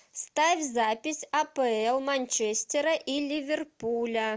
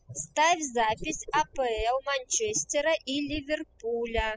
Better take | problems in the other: first | noise reduction (classical method spectral subtraction)

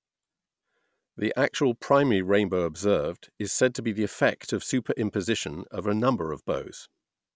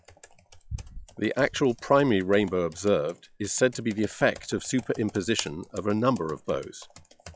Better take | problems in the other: first | noise reduction (classical method log-MMSE)

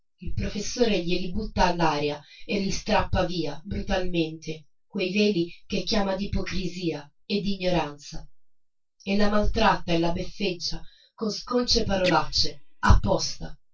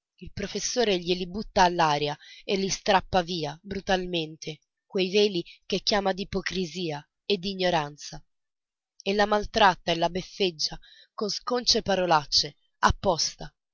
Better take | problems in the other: second | noise reduction (neural separator model SepFormer DNS4)

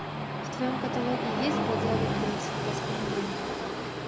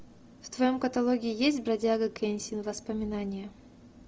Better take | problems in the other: second | background sound (Train); 4 dB above the speech

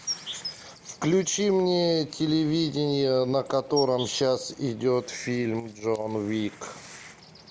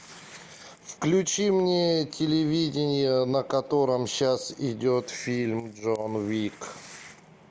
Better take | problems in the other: second | background sound (Insect); 16 dB below the speech

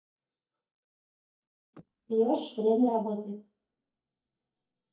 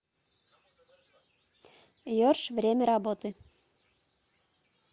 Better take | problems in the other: second | noise reduction (neural mask model DeepFilterNet 3)

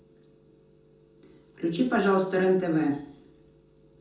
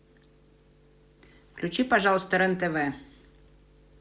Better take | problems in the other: second | room echo; dies away in 0.5 s

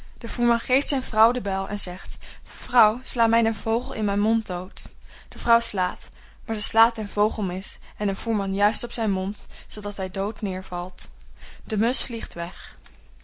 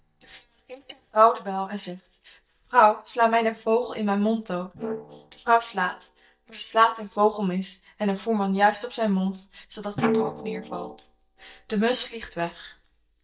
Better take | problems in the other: first | noise reduction (neural mask model DeepFilterNet 3)

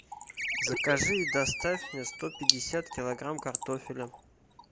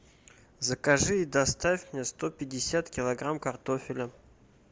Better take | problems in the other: second | background sound (Animal + Trickle, dribble / Splash, splatter); 1 dB below the speech

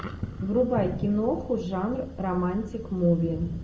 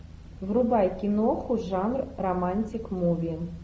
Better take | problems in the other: second | background sound (Thunder); 11 dB below the speech // room echo; dies away in 0.7 s

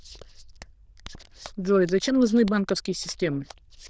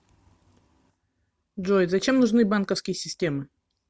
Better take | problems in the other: second | noise reduction (neural diffusion model UNIVERSE++)

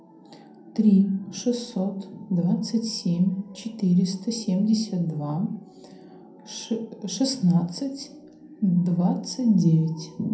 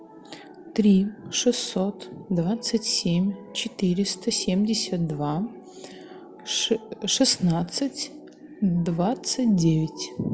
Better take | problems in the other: second | room echo; dies away in 0.5 s

